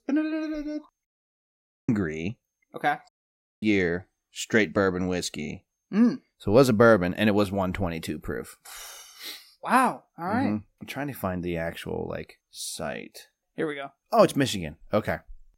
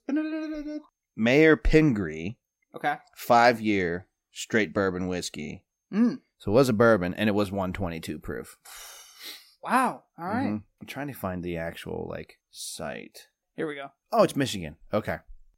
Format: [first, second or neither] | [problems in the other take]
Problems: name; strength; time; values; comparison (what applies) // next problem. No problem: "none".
second | audio cutting out; at 1 s for 1 s and at 3 s for 0.5 s